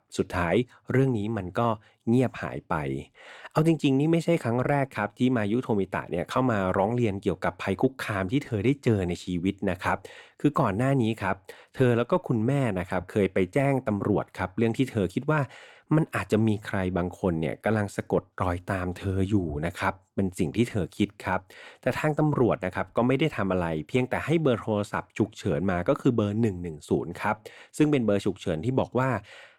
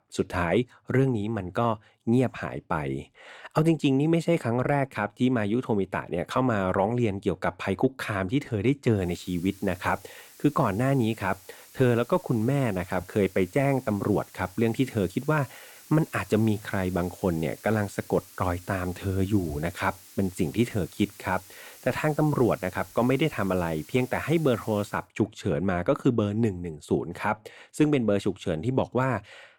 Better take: first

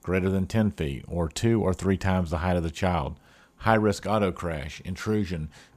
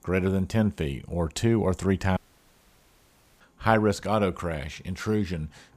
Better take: first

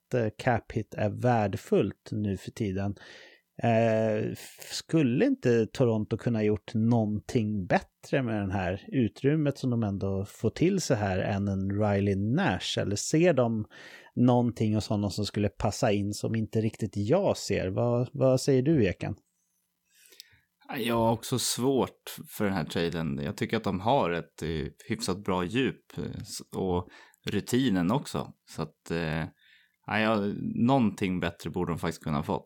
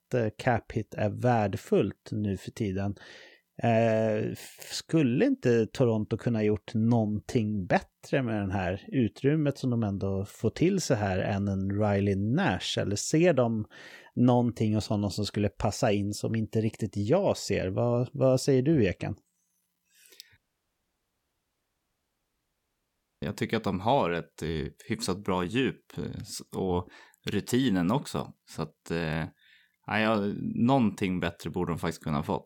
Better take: first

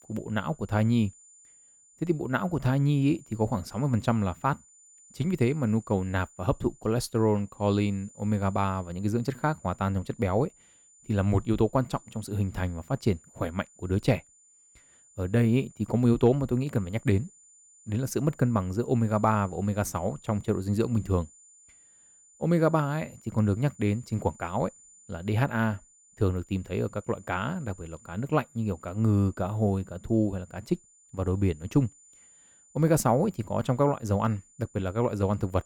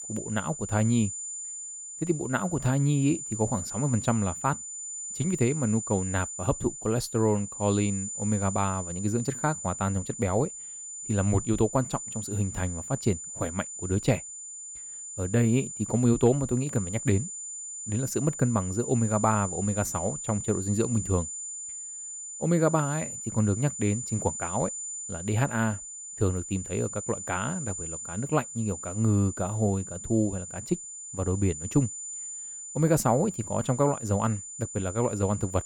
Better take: first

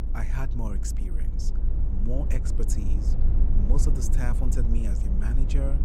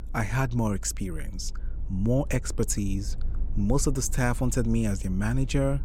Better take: second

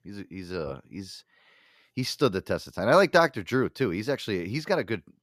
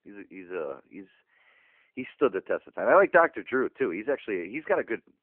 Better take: first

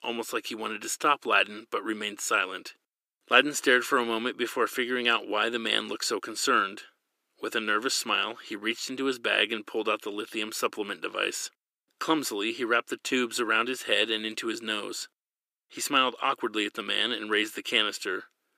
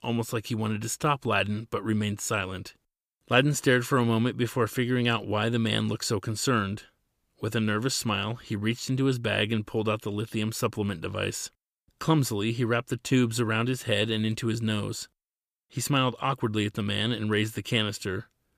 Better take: second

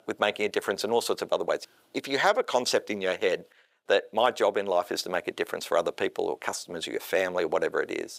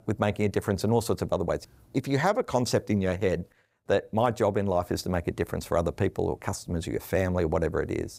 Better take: second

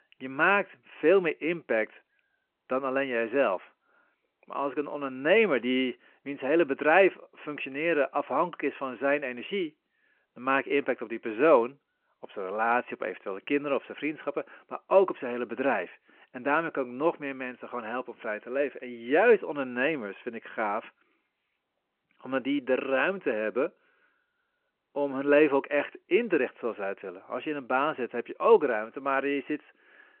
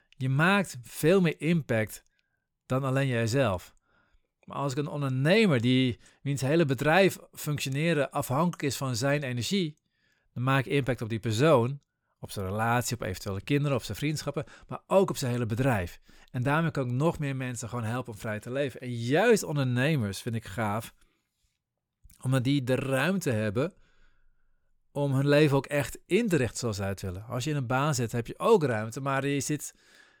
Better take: second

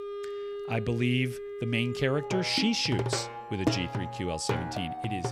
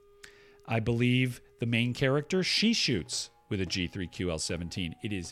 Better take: second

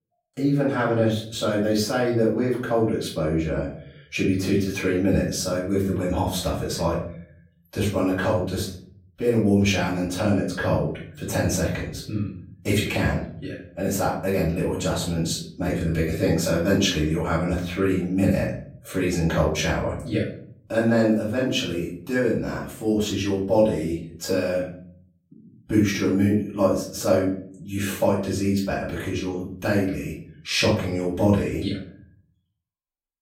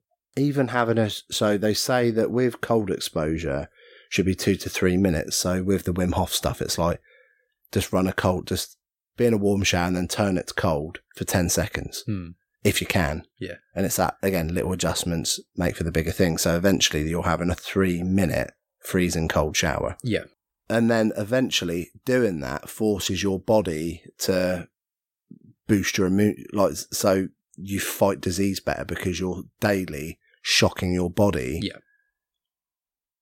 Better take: second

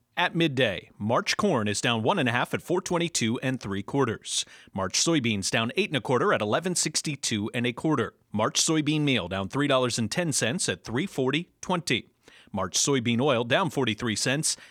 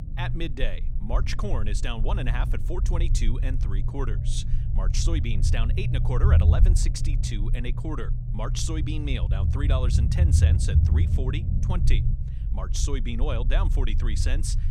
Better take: first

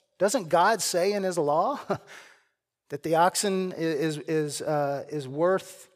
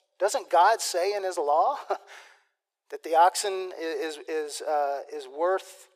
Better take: first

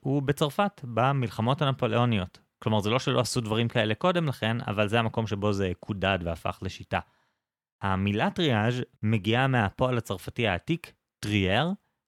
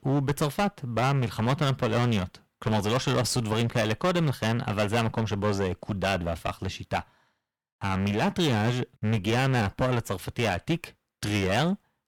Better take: first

